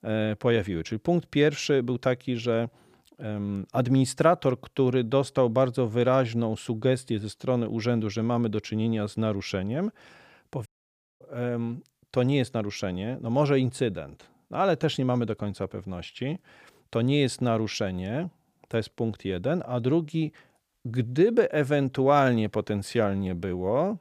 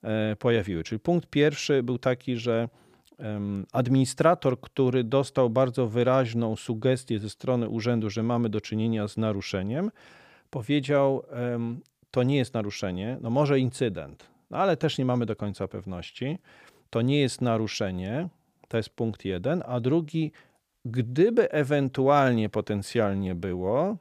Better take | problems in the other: second | audio cutting out; at 11 s for 0.5 s

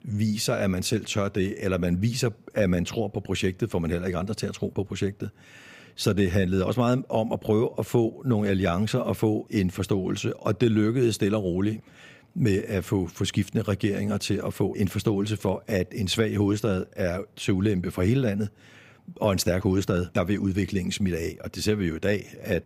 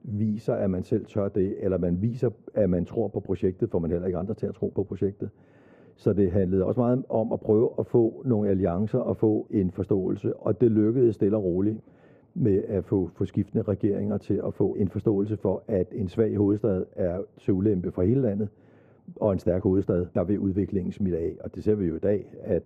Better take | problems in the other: first | muffled; very; fading above 2 kHz

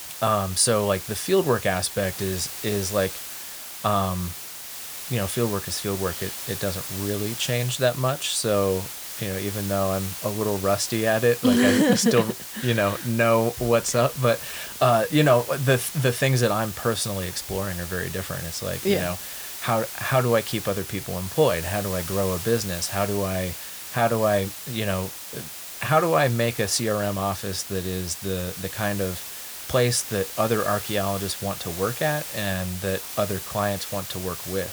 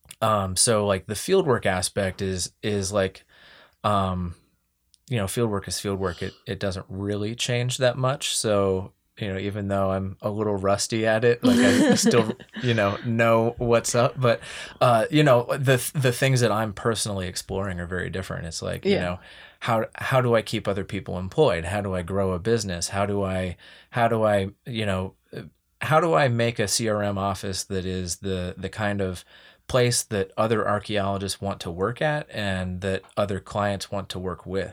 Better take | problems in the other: second | hiss; loud; throughout; 8 dB below the speech

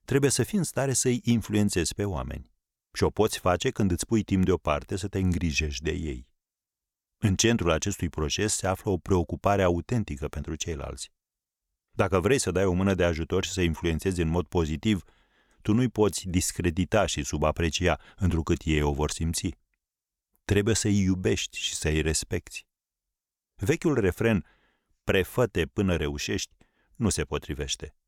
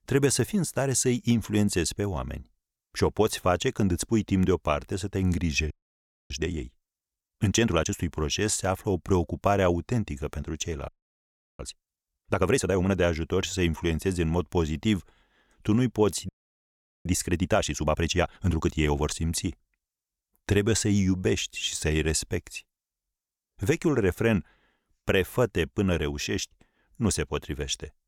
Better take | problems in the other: first | audio freezing; at 5.5 s for 0.5 s, at 11 s for 0.5 s and at 16 s for 1 s

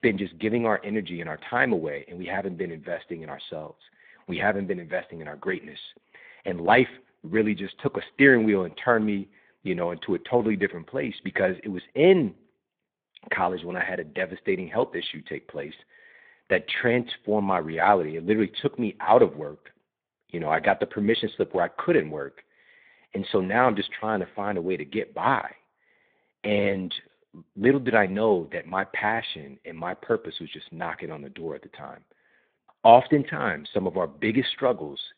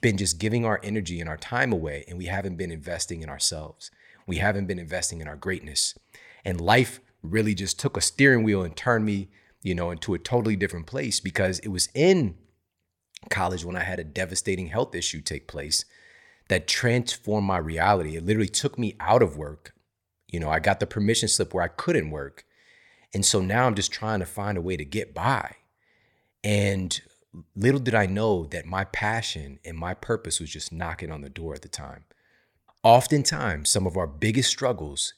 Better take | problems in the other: second | phone-call audio; nothing above 3.5 kHz

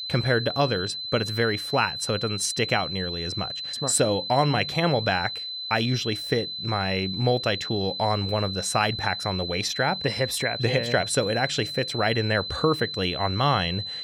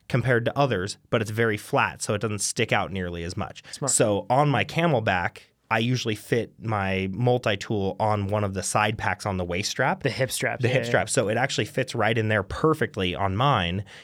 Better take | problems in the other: second | high-pitched whine; loud; throughout; 4 kHz, 5 dB below the speech

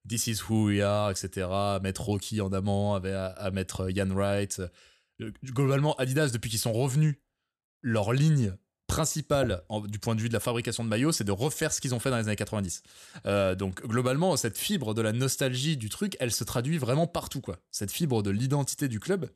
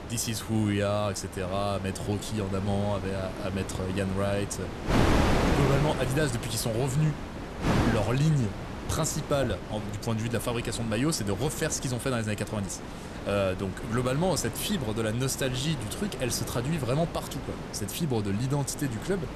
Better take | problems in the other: first | wind noise on the microphone; heavy; 4 dB below the speech

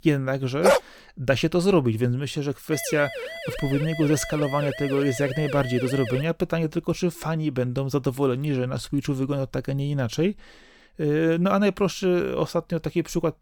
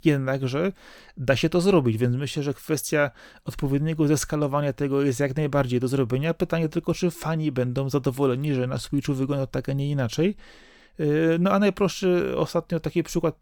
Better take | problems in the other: second | dog barking; loud; at 0.5 s; peak 4 dB above the speech // siren; noticeable; from 2.5 to 6 s; peak 8 dB below the speech

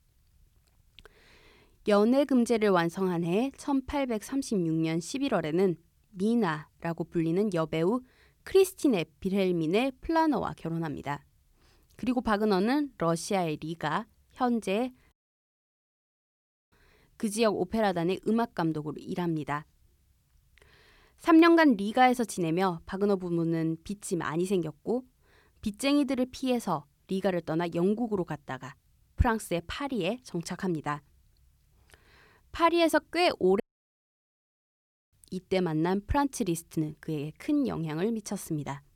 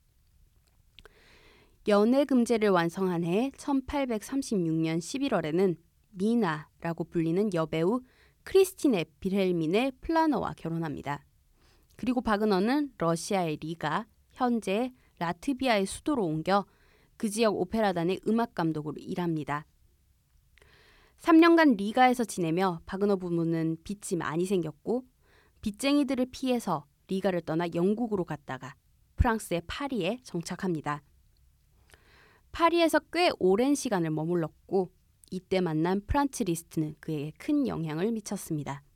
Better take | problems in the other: second | audio cutting out; at 15 s for 1.5 s and at 34 s for 1.5 s

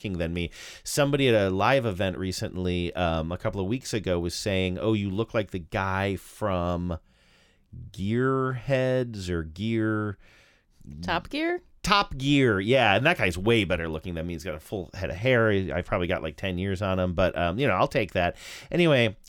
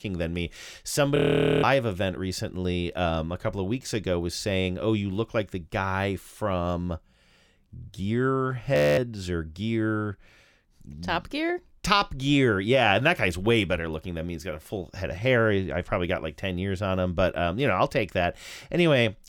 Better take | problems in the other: first | audio freezing; at 1 s and at 9 s

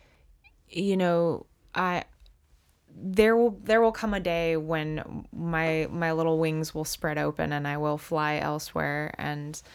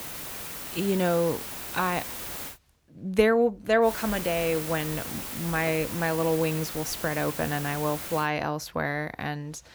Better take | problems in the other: first | hiss; loud; until 2.5 s and from 4 to 8 s; 7 dB below the speech

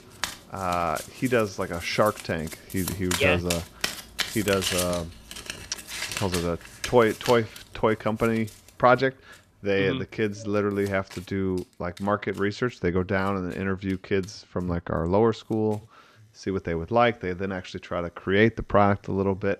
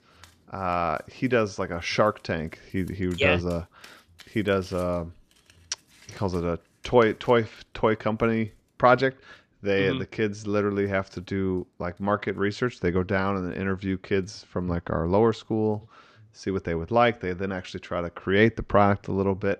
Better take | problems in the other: second | household noises; loud; throughout; 7 dB below the speech; faint in the second

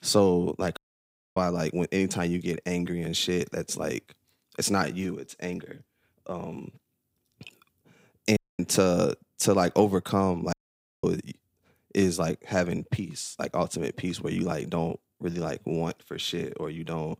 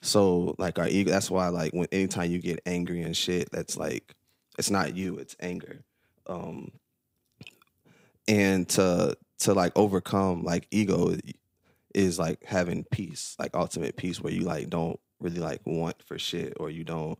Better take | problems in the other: second | audio cutting out; at 1 s for 0.5 s, at 8.5 s and at 11 s for 0.5 s

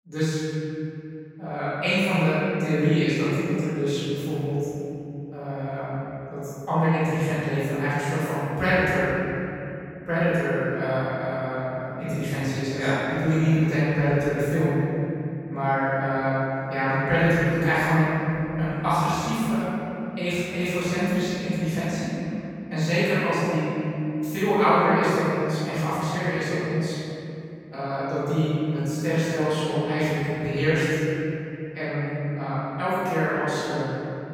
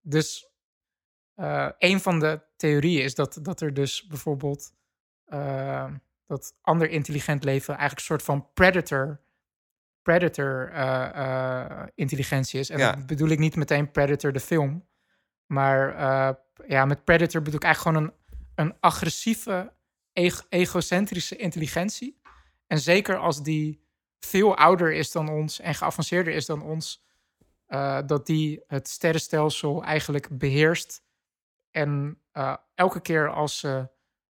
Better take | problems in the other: second | off-mic speech; far // room echo; strong; dies away in 2.9 s

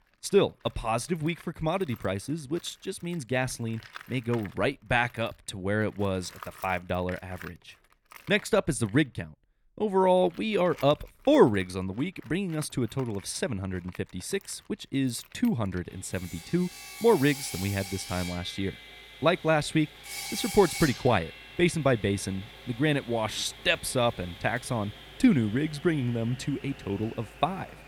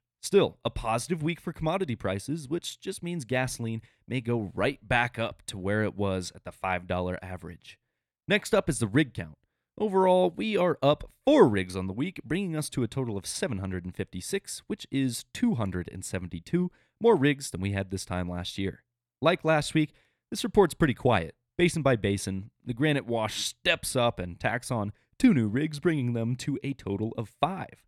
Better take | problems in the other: second | machinery noise; noticeable; throughout; 15 dB below the speech

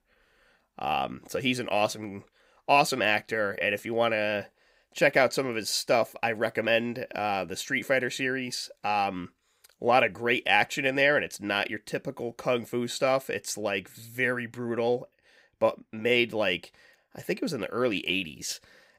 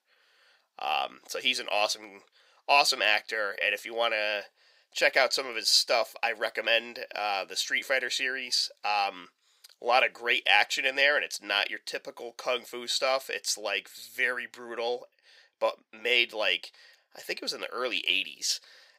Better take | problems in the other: first | thin; somewhat; fading below 600 Hz

